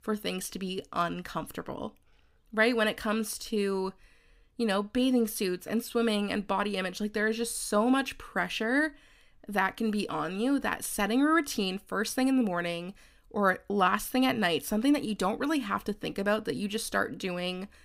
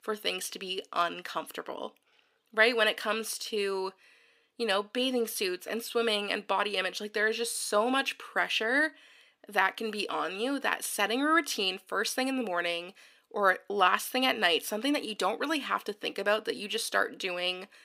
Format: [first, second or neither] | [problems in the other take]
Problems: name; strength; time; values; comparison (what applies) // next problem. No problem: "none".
first | thin; somewhat; fading below 400 Hz